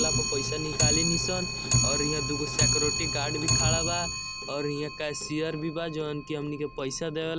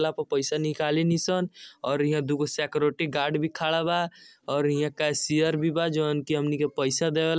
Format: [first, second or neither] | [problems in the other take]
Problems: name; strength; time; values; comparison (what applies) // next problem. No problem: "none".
second | background sound (Clock); 3 dB above the speech